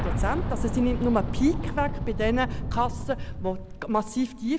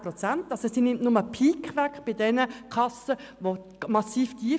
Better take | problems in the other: second | background sound (Boom); 2 dB below the speech

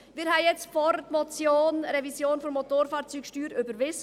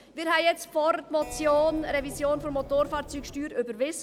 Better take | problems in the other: first | background sound (Keyboard (musical)); 15 dB below the speech

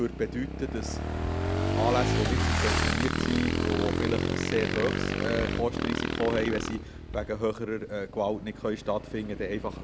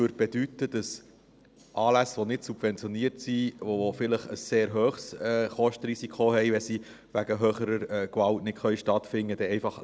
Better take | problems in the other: second | background sound (Motorcycle / Engine); 2 dB above the speech

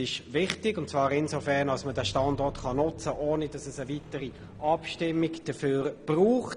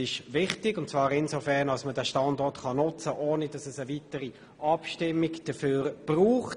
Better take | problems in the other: second | background sound (Squeak); 16 dB below the speech

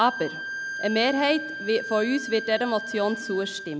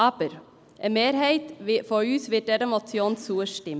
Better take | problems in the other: second | background sound (Bowed string instrument); 9 dB below the speech

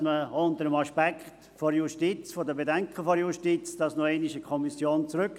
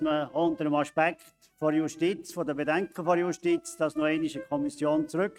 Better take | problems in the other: first | noise reduction (neural mask model RNNoise)

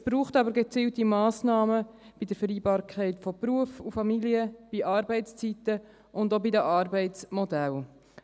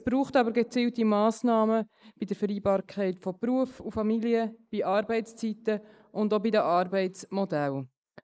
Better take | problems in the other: first | noise reduction (neural mask model Resemble Enhance denoiser)

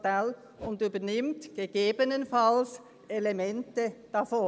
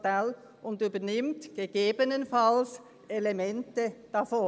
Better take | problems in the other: second | background sound (Whoosh, swoosh, swish); 16 dB below the speech

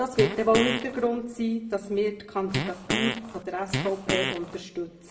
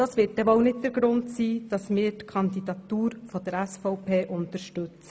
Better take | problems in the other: second | background sound (Fart); 2 dB below the speech // room echo; dies away in 0.6 s

